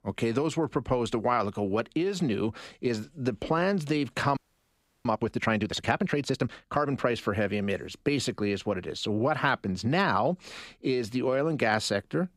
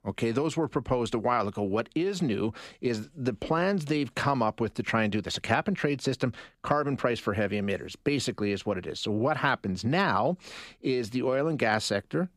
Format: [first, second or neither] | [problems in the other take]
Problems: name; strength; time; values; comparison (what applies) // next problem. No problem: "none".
second | audio freezing; at 4.5 s for 0.5 s